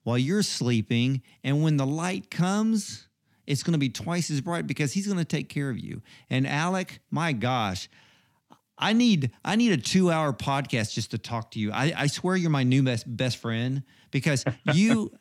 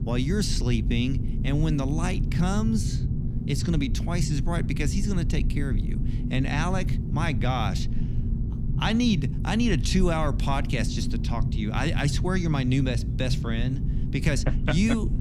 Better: first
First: none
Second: low rumble; loud; throughout; 9 dB below the speech

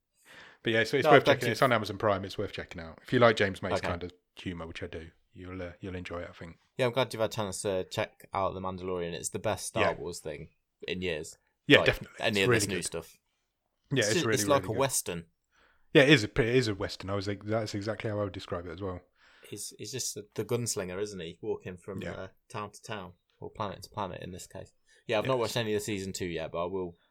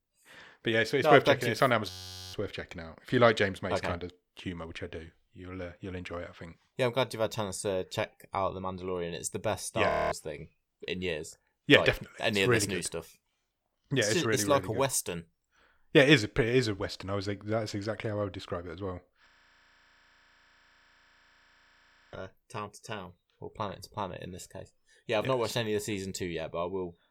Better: first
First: none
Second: audio freezing; at 2 s, at 10 s and at 19 s for 3 s

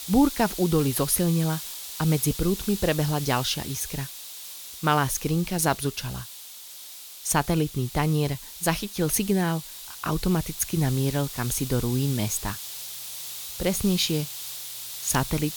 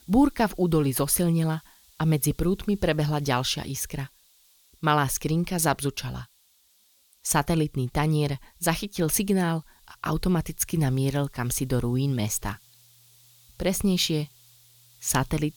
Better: second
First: hiss; loud; throughout; 9 dB below the speech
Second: hiss; faint; throughout; 30 dB below the speech

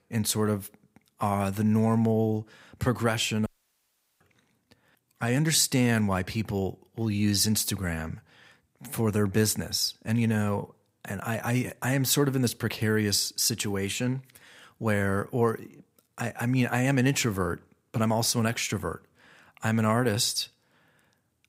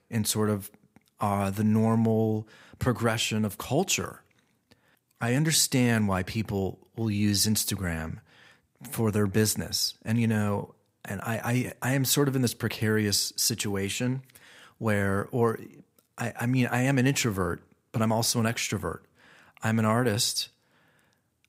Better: second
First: audio cutting out; at 3.5 s for 0.5 s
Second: none

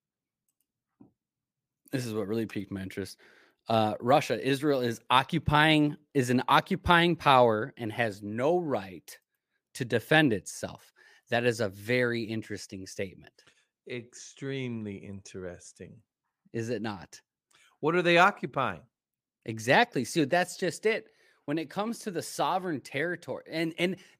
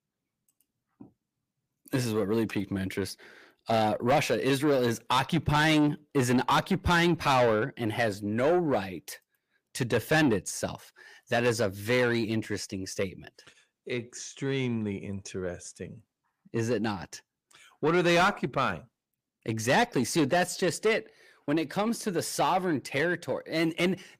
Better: first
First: none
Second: distortion; heavy; 7 dB below the speech

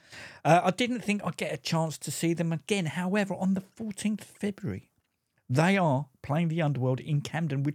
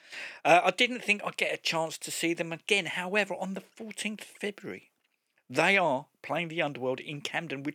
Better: first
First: none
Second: thin; somewhat; fading below 350 Hz

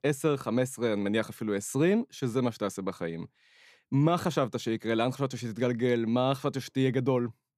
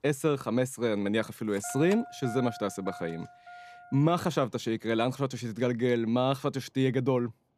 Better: first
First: none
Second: traffic noise; noticeable; throughout; 15 dB below the speech

